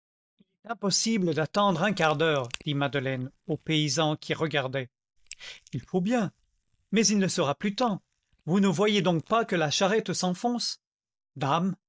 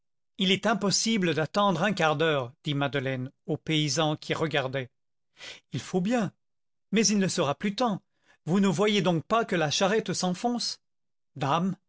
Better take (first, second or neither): second